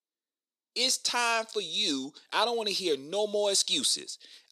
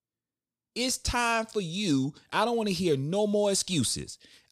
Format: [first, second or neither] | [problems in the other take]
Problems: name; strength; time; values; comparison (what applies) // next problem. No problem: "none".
second | thin; somewhat; fading below 350 Hz